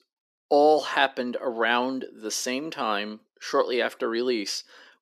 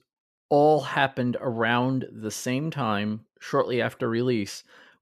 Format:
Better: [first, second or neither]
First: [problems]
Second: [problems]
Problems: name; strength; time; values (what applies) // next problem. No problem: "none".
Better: second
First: thin; very slightly; fading below 300 Hz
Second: none